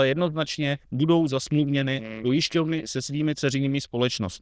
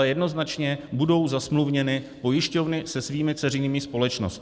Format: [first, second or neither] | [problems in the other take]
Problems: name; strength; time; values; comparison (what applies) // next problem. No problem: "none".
second | noise reduction (neural diffusion model UNIVERSE++)